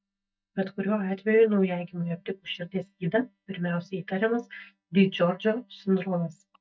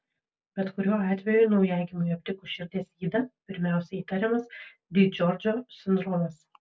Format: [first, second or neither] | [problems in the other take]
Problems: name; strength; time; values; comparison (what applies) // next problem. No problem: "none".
second | noise reduction (neural mask model DeepFilterNet 3)